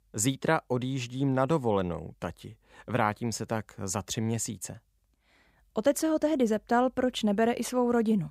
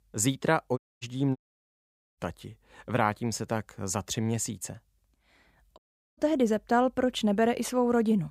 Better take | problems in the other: first | audio cutting out; at 1 s, at 1.5 s for 1 s and at 6 s

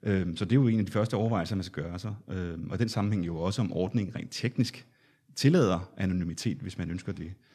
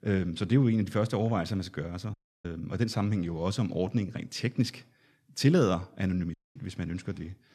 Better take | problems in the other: first | audio cutting out; at 2 s and at 6.5 s

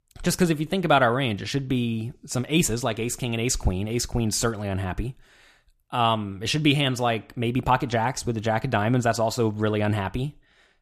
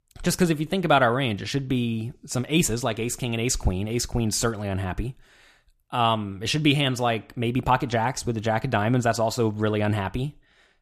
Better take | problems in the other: neither | none

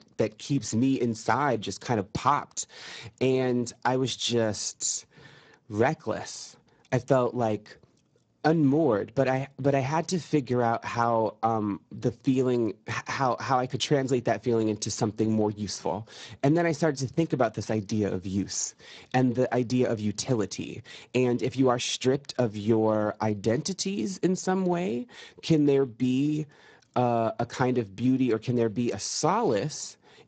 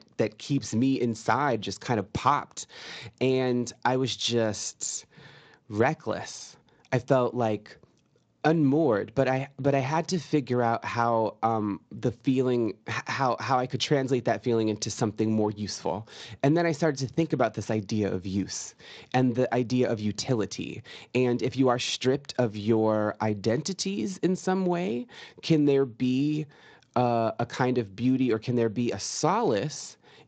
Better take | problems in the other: second | garbled, watery; badly; nothing above 7.5 kHz; slightly in the second

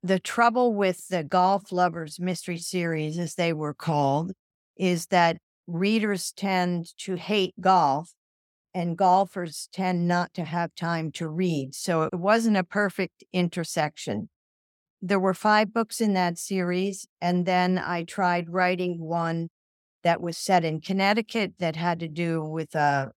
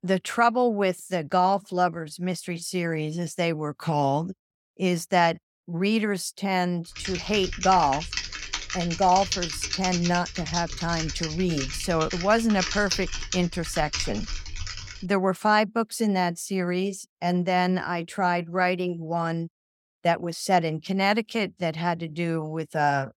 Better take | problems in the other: first | keyboard typing; noticeable; from 7 to 15 s; peak 1 dB below the speech

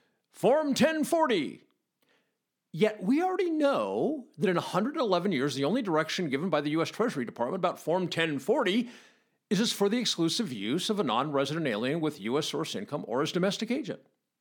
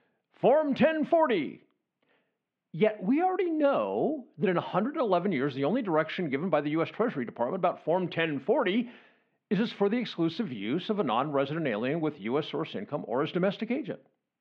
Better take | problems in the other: first | muffled; very; fading above 3 kHz

